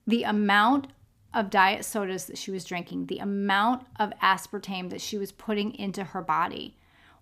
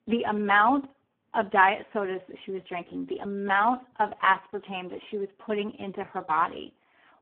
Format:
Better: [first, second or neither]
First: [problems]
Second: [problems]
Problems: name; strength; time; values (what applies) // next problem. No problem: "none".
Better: first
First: none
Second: phone-call audio; poor line